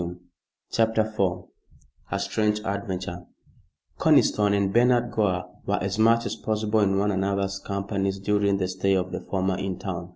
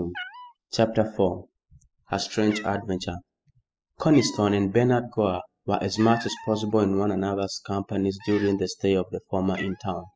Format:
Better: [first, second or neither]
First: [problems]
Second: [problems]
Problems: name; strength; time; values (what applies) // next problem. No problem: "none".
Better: first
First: none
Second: noise reduction (classical method spectral subtraction)